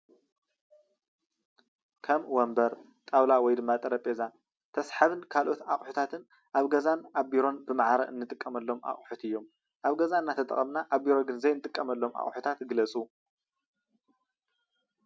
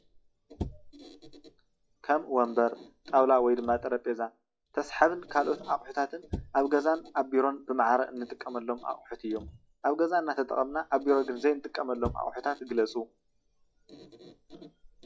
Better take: first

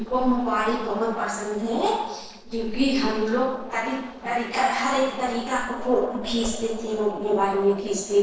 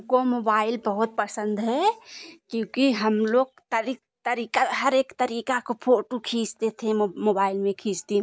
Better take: second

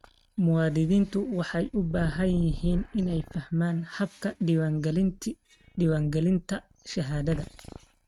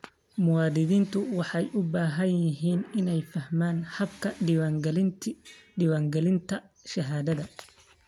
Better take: second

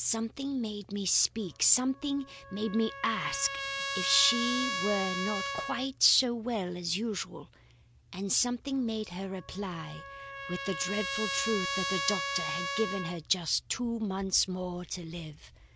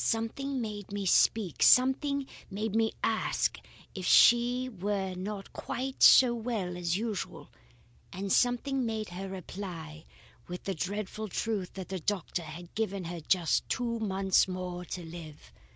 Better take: second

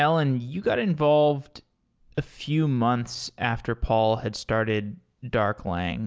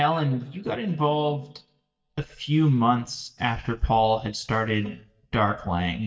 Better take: first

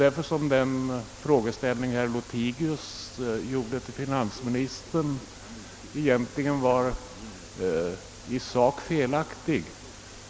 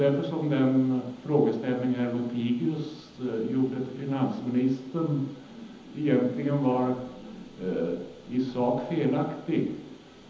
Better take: first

